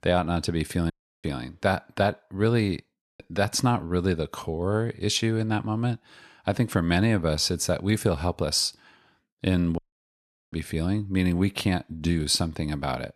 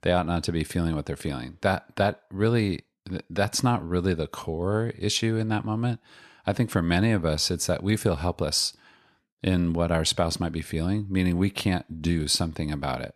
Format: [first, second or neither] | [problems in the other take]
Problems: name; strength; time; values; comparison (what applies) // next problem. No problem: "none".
second | audio cutting out; at 1 s, at 3 s and at 10 s for 0.5 s